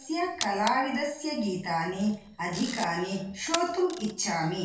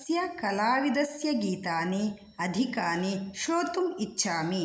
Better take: second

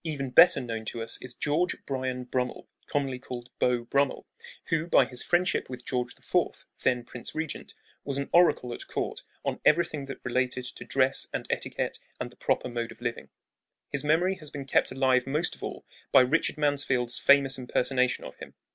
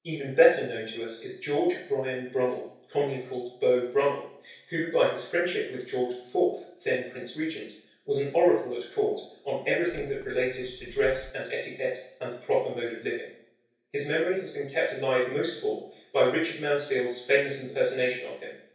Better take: first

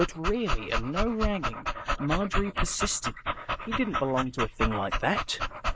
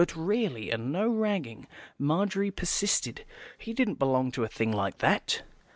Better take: second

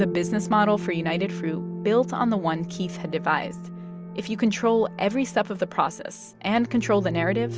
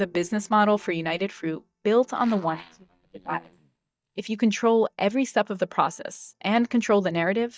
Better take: first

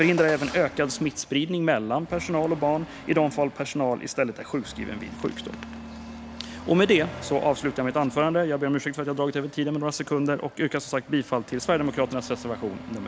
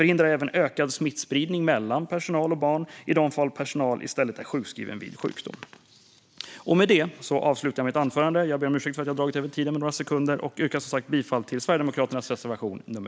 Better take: second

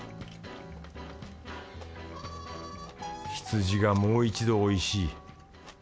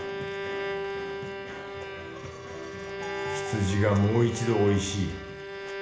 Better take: first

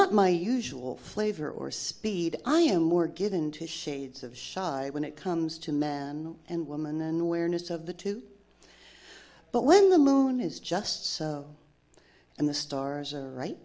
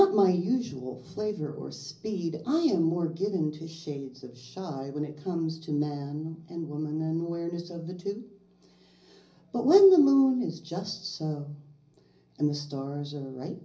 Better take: first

